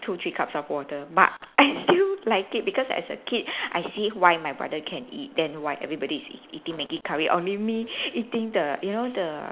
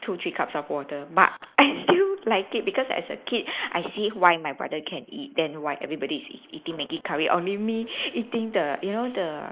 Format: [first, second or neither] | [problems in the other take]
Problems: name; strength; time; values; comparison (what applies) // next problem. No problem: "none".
first | noise reduction (neural mask model Resemble Enhance denoiser)